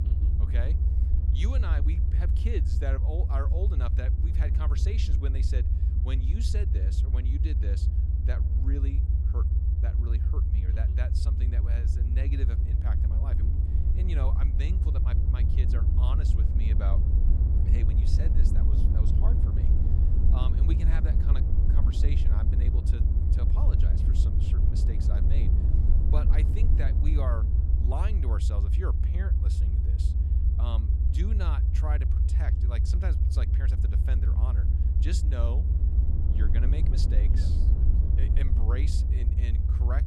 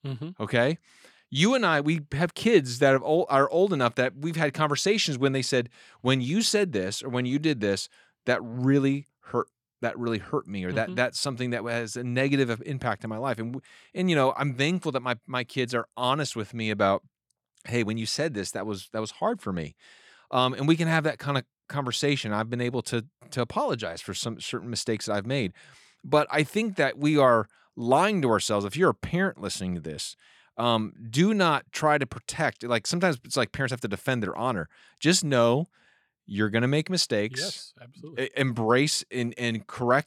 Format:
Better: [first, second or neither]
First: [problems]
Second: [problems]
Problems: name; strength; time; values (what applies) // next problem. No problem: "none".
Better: second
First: low rumble; loud; throughout; as loud as the speech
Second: none